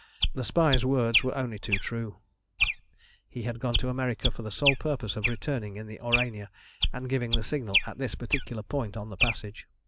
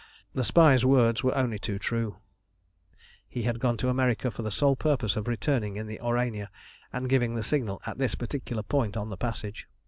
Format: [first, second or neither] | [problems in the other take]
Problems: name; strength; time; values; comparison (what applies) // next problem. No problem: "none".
second | background sound (Chirp, tweet); as loud as the speech